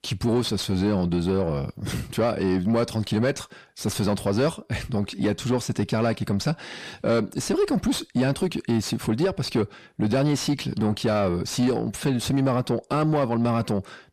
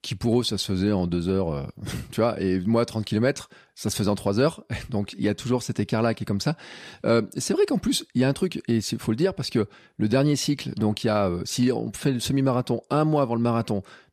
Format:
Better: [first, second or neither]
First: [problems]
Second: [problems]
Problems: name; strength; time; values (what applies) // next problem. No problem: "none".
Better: second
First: distortion; slight; 10 dB below the speech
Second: none